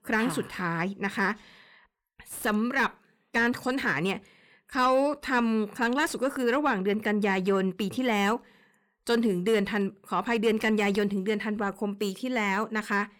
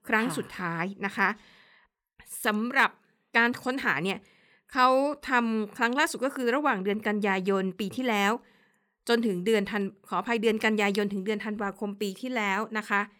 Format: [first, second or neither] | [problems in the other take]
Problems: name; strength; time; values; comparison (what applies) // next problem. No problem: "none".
second | distortion; slight; 10 dB below the speech